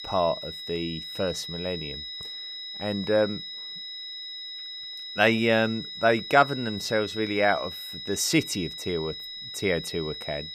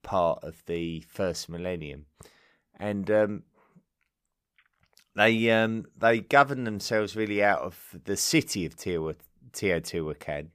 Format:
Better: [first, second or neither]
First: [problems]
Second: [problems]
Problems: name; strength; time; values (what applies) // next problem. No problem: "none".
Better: second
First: high-pitched whine; loud; throughout; 4 kHz, 9 dB below the speech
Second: none